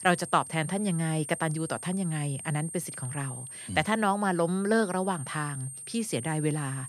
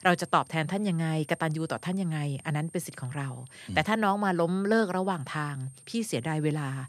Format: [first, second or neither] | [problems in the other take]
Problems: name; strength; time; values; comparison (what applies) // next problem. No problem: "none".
second | high-pitched whine; loud; throughout; 8.5 kHz, 9 dB below the speech; faint in the second